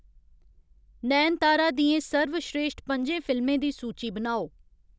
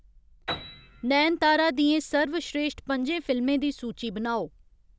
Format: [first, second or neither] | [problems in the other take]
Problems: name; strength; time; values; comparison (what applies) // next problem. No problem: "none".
first | background sound (Piano); 19 dB below the speech